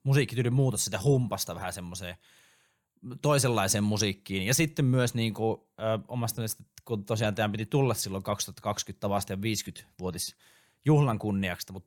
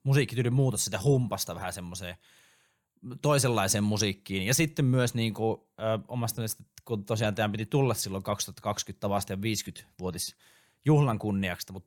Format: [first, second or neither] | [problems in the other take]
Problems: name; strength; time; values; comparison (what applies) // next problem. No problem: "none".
neither | none